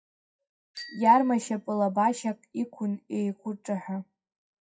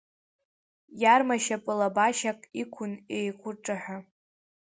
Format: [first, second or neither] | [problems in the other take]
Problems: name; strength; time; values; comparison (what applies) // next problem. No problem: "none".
second | noise reduction (classical method WPE with log-MMSE)